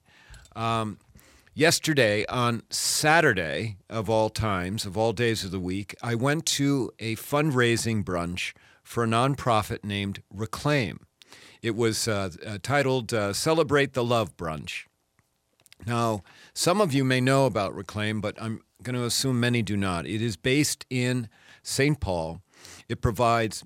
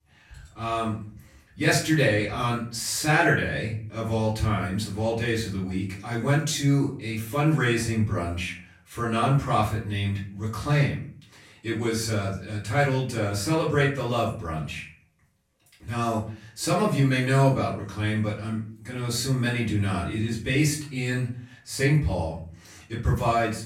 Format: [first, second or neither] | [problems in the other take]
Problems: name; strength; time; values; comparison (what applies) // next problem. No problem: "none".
first | room echo; slight; dies away in 0.4 s // off-mic speech; far